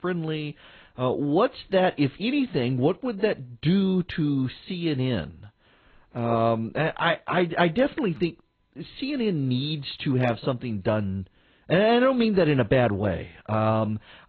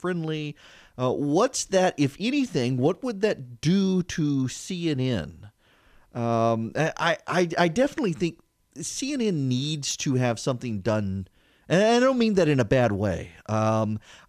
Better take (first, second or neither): second